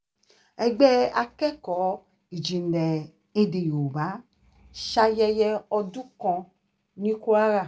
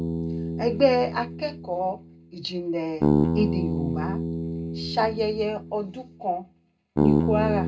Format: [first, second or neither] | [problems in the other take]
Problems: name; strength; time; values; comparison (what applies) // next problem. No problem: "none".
first | background sound (Bass guitar); 1 dB above the speech // room echo; dies away in 0.2 s